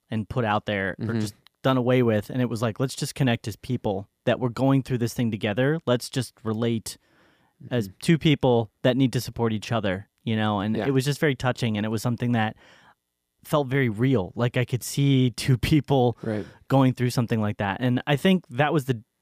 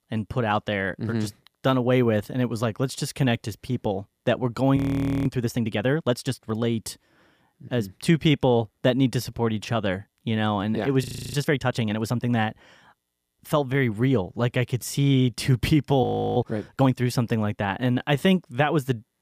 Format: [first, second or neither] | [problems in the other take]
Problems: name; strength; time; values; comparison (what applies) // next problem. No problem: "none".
first | audio freezing; at 5 s, at 11 s and at 16 s